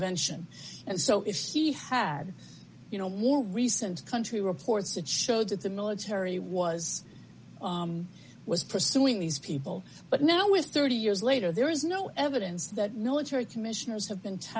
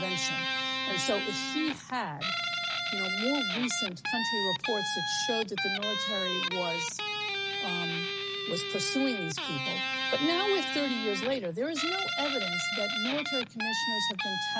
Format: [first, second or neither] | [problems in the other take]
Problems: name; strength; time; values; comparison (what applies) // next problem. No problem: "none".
first | background sound (Guitar); 2 dB above the speech